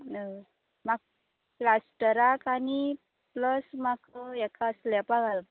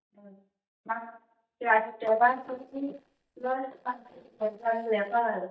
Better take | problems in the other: first | noise reduction (neural mask model DeepFilterNet 3)

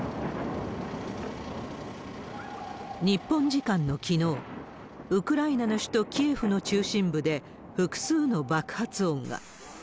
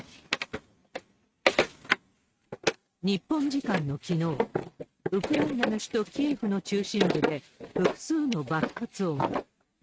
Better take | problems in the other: first | noise reduction (neural mask model RNNoise)

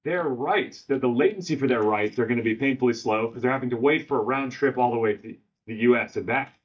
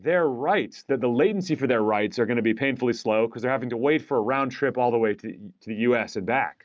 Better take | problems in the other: second | noise reduction (neural mask model DeepFilterNet 3)

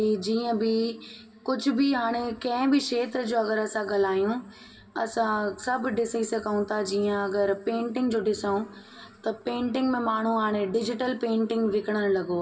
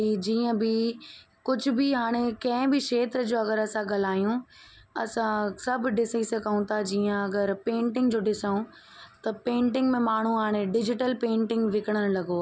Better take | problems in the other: second | room echo; dies away in 2.7 s

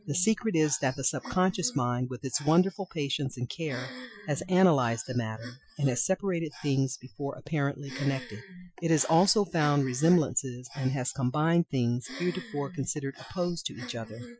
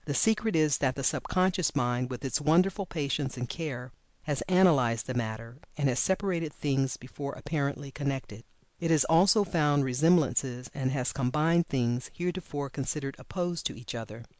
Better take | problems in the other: second | noise reduction (classical method Wiener filter)

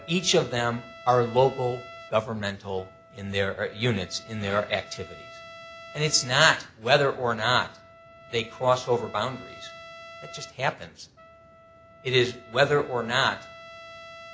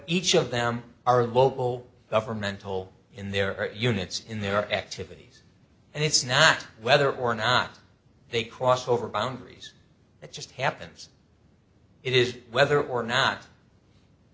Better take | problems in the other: second | background sound (Trumpet); 20 dB below the speech

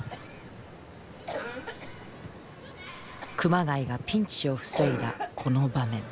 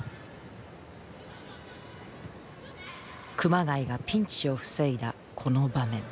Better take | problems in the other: second | background sound (Cough); 9 dB below the speech

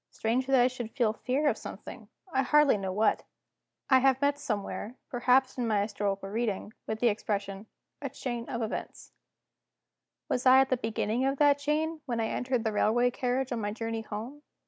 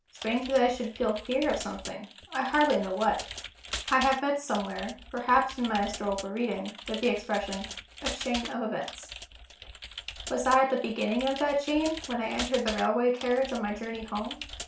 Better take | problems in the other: first | background sound (Computer keyboard); 12 dB below the speech // room echo; dies away in 0.3 s

